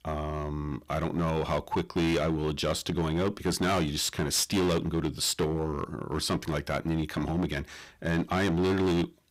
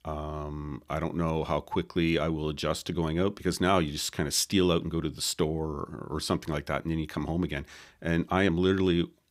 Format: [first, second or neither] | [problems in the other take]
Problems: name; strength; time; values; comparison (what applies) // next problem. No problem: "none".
second | distortion; heavy; 12% of the sound clipped